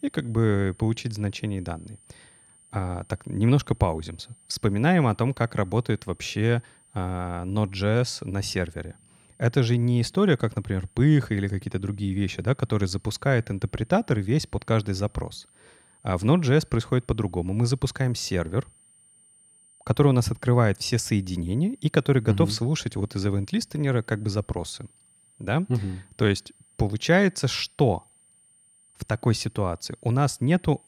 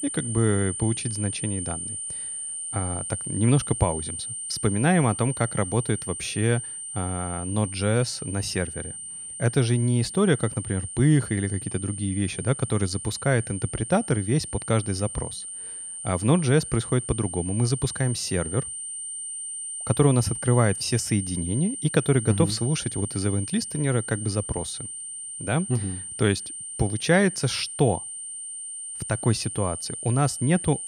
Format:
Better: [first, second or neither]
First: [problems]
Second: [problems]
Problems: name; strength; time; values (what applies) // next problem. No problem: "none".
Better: first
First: high-pitched whine; faint; throughout; 9 kHz, 30 dB below the speech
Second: high-pitched whine; loud; throughout; 9 kHz, 7 dB below the speech